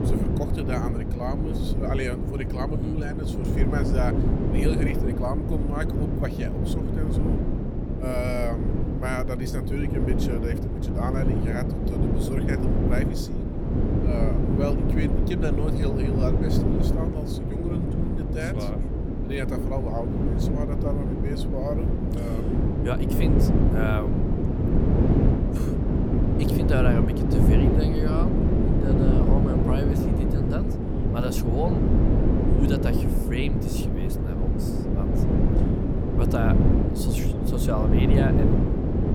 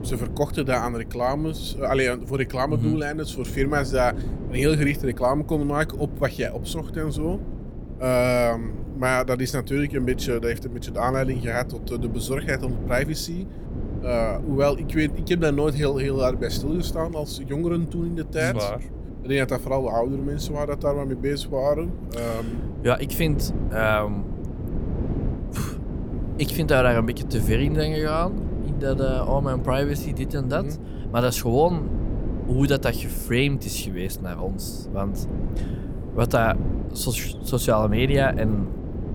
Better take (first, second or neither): second